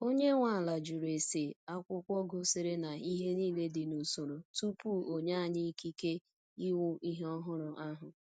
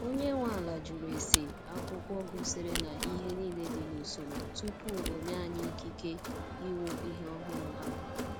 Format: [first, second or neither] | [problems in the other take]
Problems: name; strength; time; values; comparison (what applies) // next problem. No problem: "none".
first | background sound (Camera + Crowd); as loud as the speech